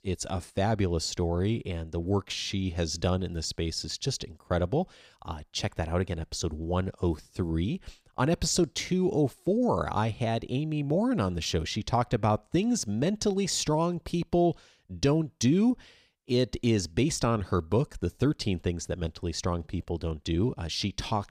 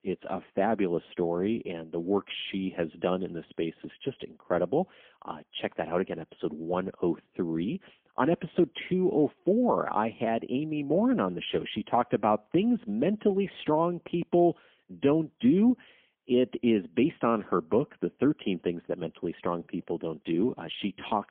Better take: first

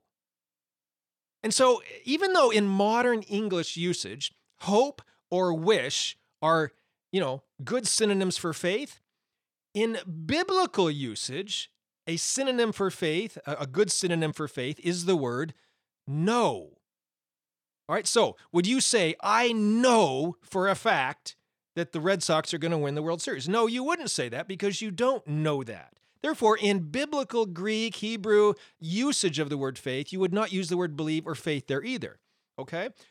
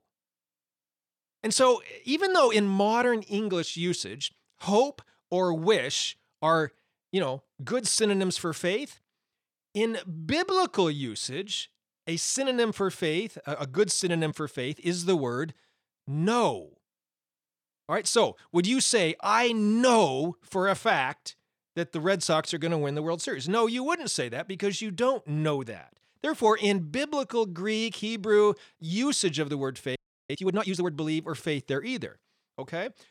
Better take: first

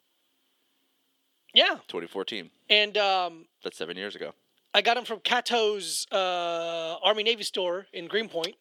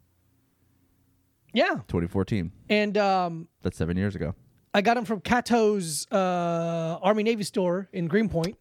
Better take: second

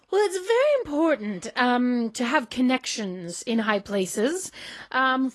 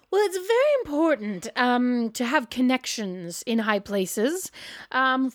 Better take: second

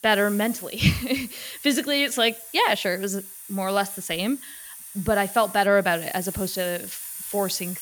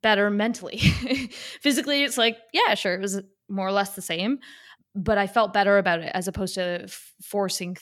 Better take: second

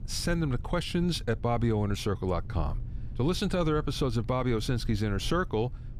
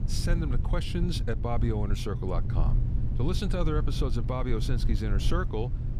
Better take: first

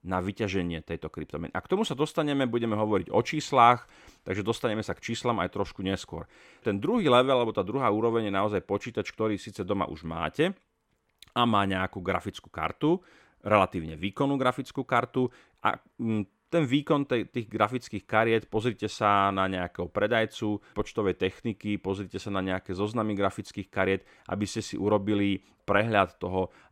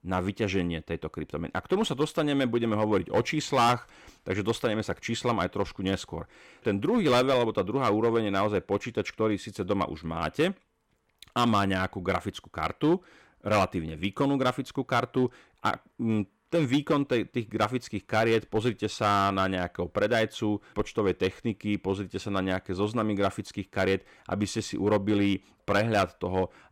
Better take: first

